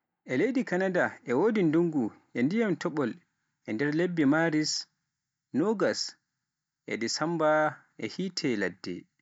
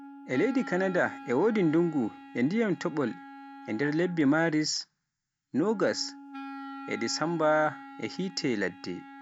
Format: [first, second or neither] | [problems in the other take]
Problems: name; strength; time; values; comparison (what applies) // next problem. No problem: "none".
first | background sound (Wind instrument, woodwind instrument); 16 dB below the speech